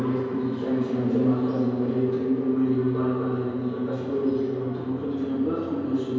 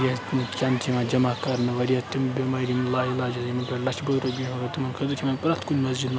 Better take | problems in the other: second | room echo; dies away in 2.2 s

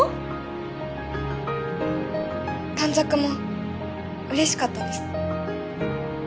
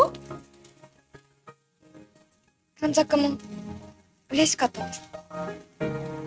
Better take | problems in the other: first | noise reduction (neural mask model RNNoise)

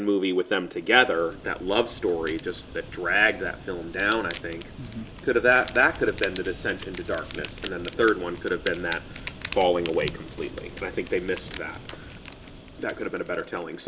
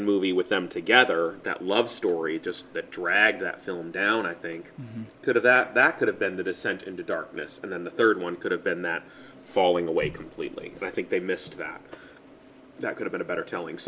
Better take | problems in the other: second | background sound (Fire); 14 dB below the speech

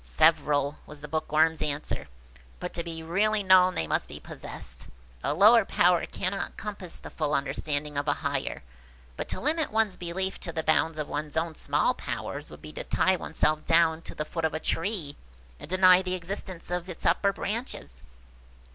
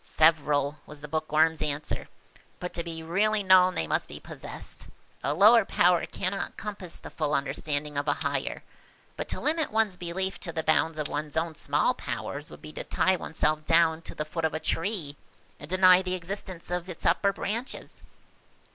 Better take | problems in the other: first | noise reduction (neural mask model Resemble Enhance denoiser)

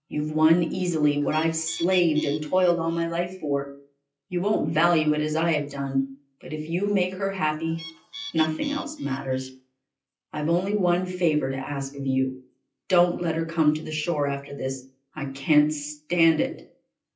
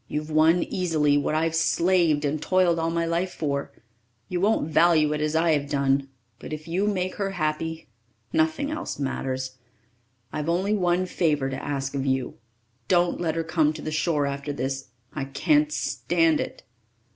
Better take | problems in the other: second | noise reduction (classical method WPE with log-MMSE)

